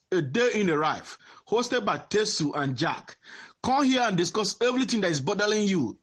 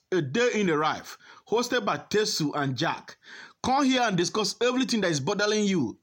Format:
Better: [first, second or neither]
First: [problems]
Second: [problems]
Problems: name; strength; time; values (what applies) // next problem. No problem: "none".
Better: second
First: garbled, watery; slightly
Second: none